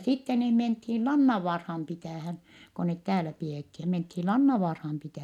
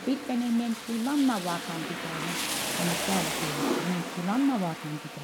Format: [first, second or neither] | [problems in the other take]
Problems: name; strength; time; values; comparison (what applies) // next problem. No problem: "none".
first | background sound (Rain); 3 dB below the speech